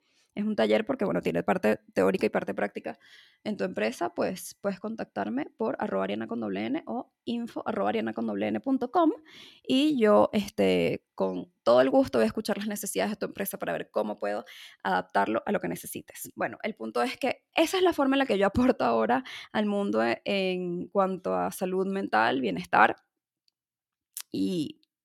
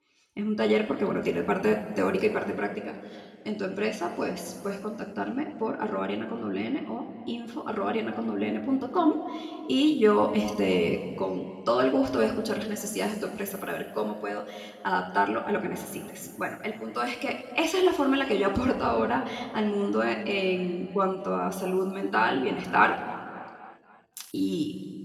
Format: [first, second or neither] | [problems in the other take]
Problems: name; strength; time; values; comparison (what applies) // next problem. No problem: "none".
first | room echo; noticeable; dies away in 1.9 s // off-mic speech; somewhat distant